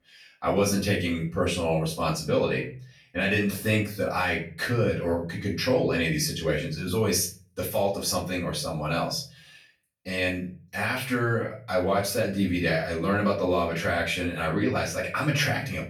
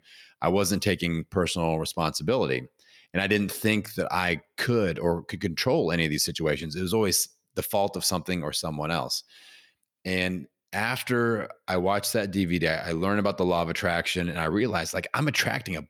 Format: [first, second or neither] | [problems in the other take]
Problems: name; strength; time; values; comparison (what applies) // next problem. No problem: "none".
second | room echo; slight; dies away in 0.4 s // off-mic speech; far